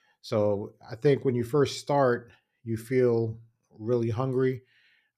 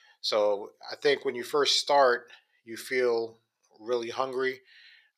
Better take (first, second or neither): first